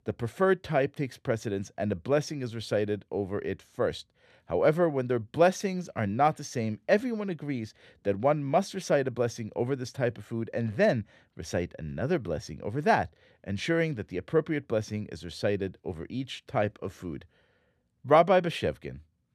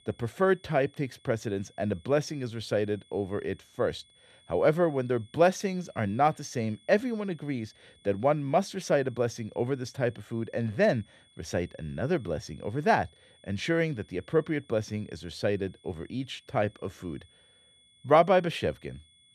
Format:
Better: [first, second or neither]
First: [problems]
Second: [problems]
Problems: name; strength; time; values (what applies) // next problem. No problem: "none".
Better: first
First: none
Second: high-pitched whine; faint; throughout; 3.5 kHz, 30 dB below the speech